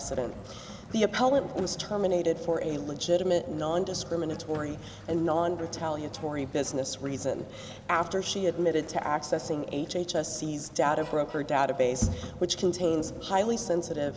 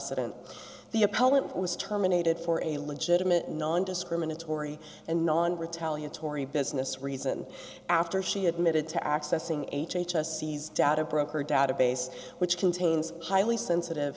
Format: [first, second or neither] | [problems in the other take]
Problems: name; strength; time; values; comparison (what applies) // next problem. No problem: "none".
second | background sound (Sliding door); 13 dB below the speech